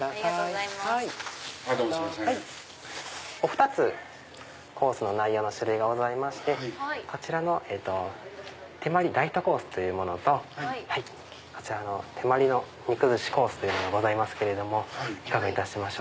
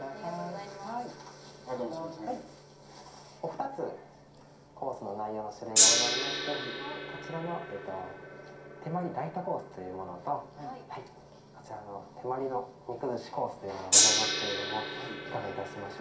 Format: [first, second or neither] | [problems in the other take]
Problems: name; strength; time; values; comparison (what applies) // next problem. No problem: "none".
first | background sound (Gong); 4 dB above the speech // room echo; dies away in 0.5 s